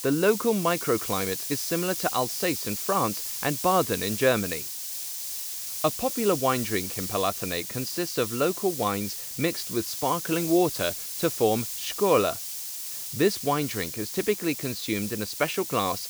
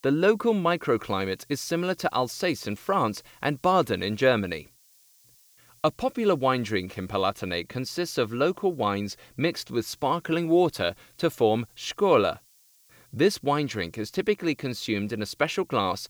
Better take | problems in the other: second | hiss; loud; throughout; 4 dB below the speech; faint in the second

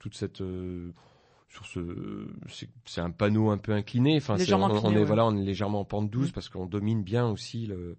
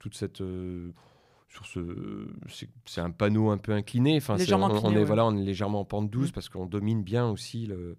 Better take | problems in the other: second | garbled, watery; slightly; nothing above 8 kHz

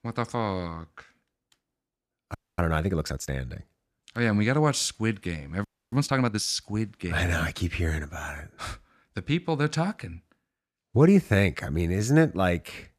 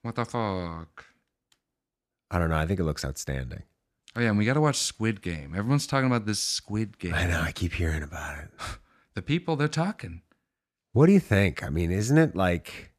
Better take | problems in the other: second | audio freezing; at 2.5 s and at 5.5 s

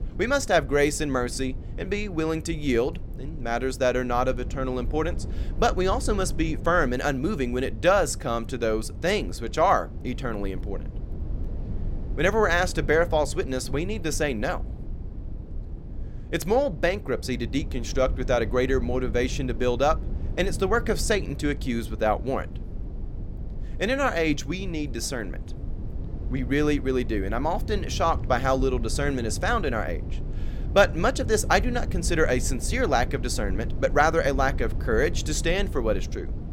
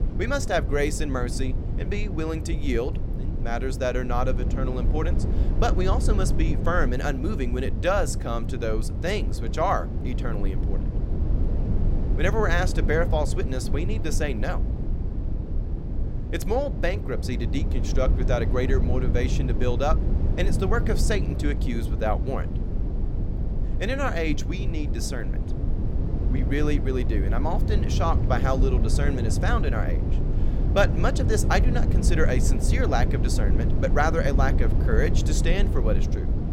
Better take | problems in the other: first | low rumble; loud; throughout; 9 dB below the speech; faint in the first

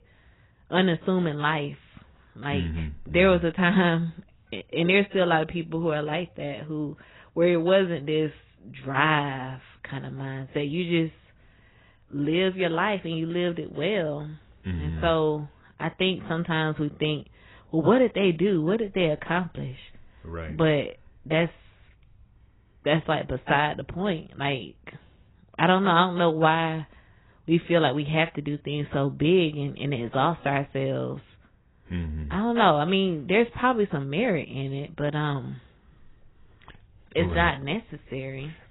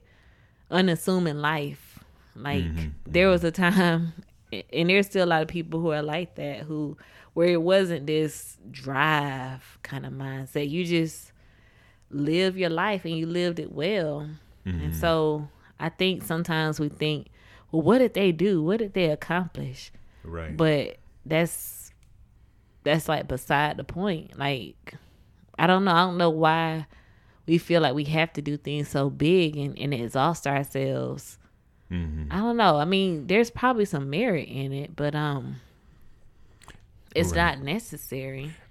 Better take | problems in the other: second | garbled, watery; badly; nothing above 4 kHz

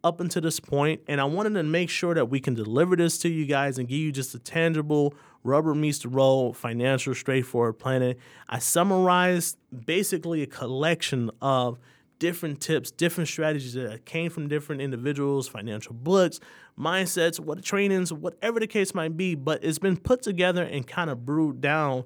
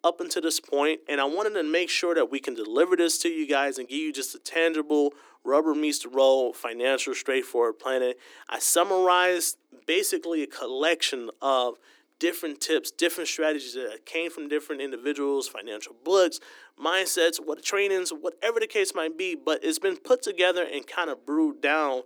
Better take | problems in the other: first | thin; somewhat; fading below 300 Hz

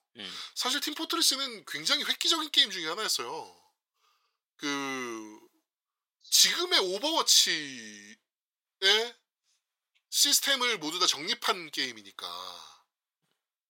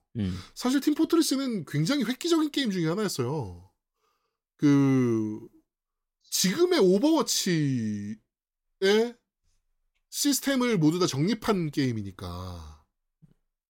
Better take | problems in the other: second | thin; very; fading below 800 Hz

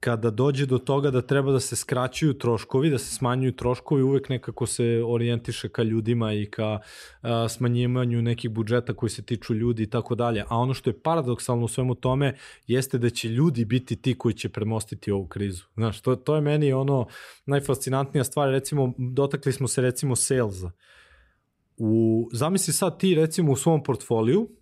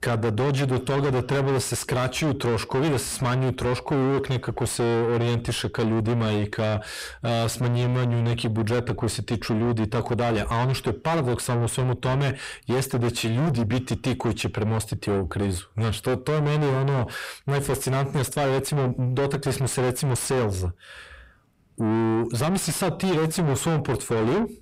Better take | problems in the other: first | distortion; heavy; 5 dB below the speech

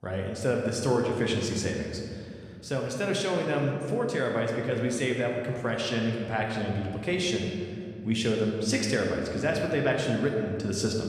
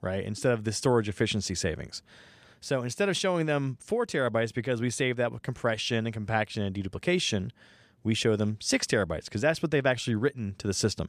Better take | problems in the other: second | room echo; noticeable; dies away in 2 s // off-mic speech; somewhat distant

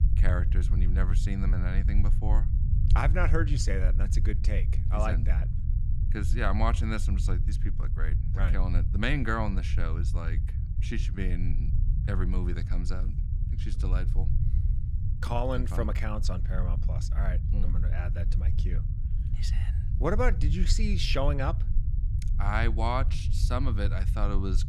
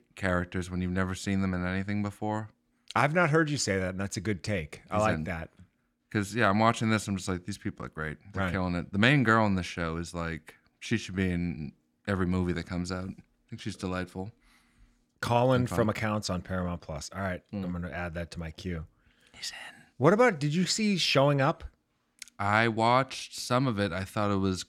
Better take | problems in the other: second | low rumble; noticeable; throughout; 10 dB below the speech

